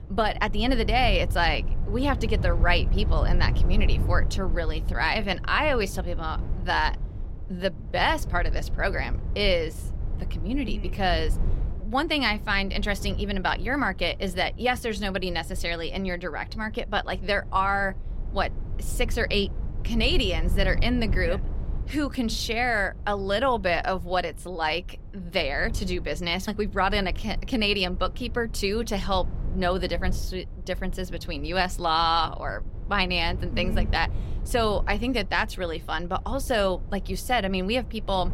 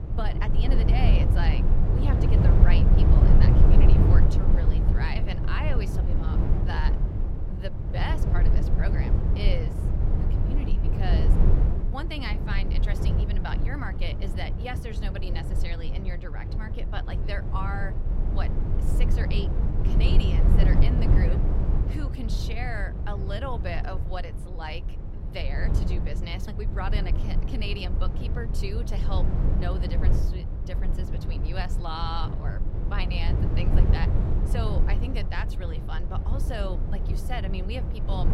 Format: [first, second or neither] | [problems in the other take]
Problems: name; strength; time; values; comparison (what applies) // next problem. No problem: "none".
first | low rumble; loud; throughout; 2 dB below the speech; faint in the first